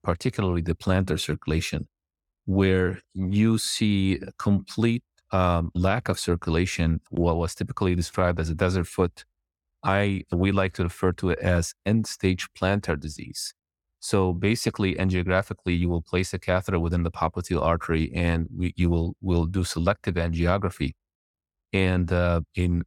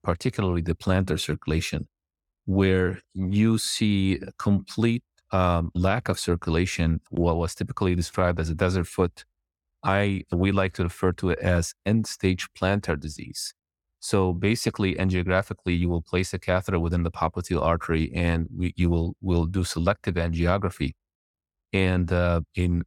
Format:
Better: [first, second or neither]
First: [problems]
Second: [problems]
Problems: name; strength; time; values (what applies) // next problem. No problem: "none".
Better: neither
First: none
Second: none